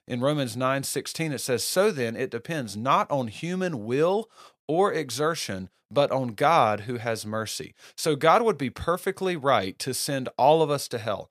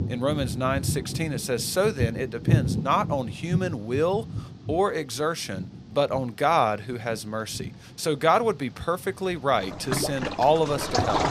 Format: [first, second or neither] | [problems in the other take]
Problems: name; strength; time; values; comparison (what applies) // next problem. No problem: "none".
first | rain or running water; loud; throughout; 4 dB below the speech